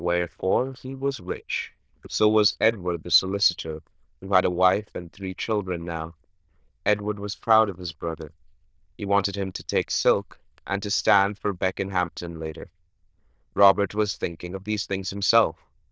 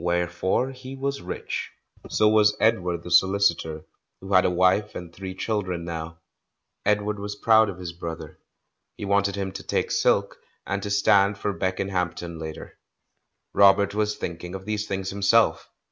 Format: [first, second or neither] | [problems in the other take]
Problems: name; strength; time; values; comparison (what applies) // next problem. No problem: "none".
second | noise reduction (neural diffusion model UNIVERSE++)